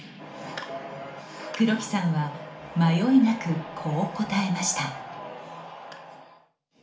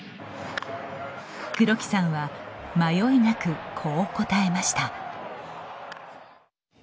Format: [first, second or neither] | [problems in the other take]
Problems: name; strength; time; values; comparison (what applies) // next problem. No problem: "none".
second | room echo; dies away in 0.4 s